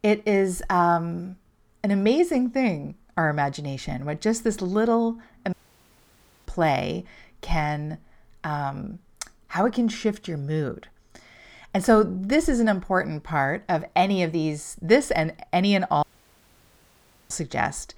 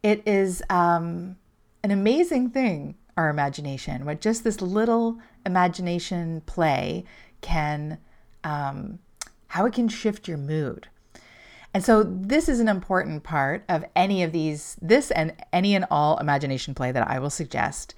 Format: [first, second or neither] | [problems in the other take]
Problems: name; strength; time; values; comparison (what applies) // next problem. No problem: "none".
second | audio cutting out; at 5.5 s for 1 s and at 16 s for 1.5 s